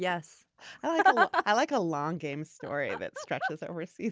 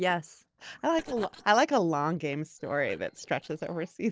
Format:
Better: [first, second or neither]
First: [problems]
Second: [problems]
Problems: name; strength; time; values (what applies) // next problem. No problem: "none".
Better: first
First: none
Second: noise reduction (neural separator model SepFormer DNS4)